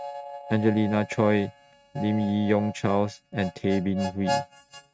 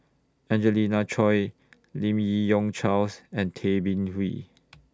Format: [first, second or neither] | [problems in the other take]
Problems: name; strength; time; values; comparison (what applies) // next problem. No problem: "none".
second | noise reduction (neural mask model RNNoise)